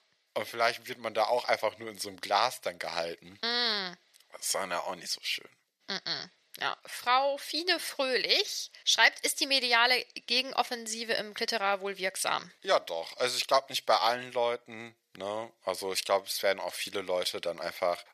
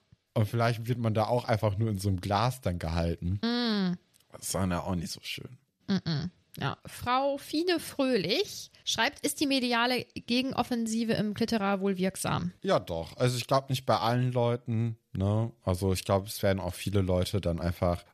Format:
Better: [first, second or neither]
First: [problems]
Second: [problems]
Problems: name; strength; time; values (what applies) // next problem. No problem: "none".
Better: second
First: thin; very; fading below 650 Hz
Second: none